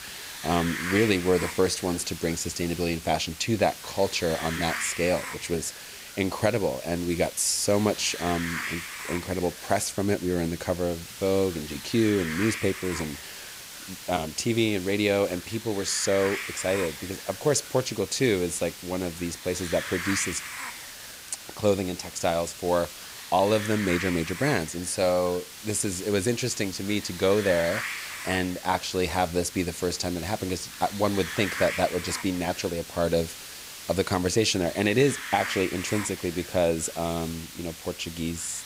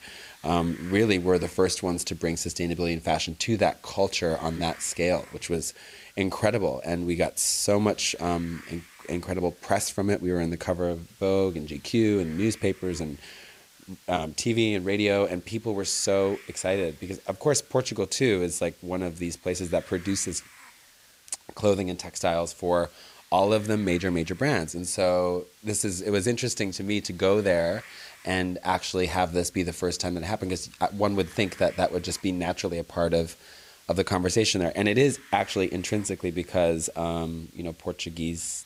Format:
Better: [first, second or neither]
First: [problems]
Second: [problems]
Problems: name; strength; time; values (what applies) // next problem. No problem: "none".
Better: second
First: hiss; loud; throughout; 9 dB below the speech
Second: hiss; faint; throughout; 25 dB below the speech